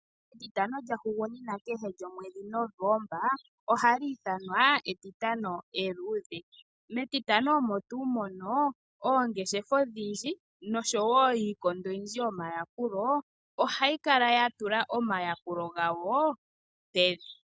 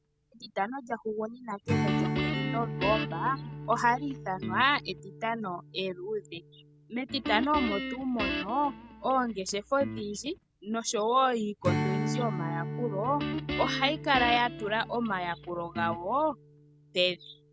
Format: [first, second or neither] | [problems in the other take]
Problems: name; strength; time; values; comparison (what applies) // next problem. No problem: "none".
first | background sound (Strum + Guitar); 4 dB below the speech